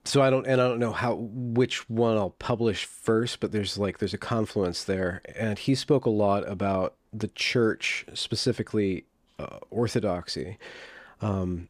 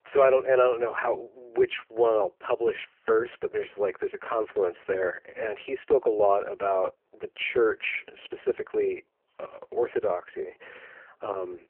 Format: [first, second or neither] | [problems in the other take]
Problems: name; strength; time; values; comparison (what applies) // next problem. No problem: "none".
first | phone-call audio; poor line; nothing above 3 kHz